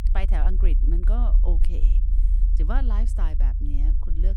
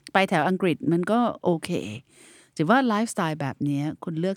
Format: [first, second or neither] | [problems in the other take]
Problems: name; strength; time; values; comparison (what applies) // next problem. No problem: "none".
second | low rumble; loud; throughout; 8 dB below the speech